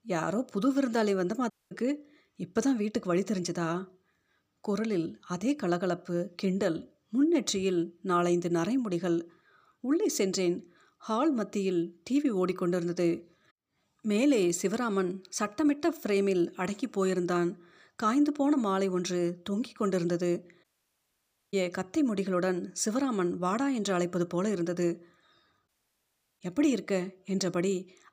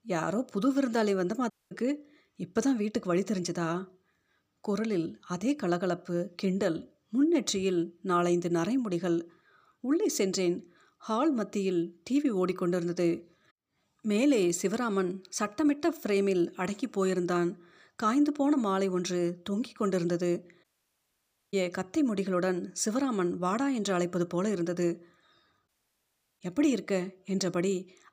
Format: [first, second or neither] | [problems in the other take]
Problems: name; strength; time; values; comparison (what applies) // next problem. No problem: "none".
neither | audio cutting out; at 1.5 s, at 21 s for 1 s and at 26 s for 0.5 s; the same in both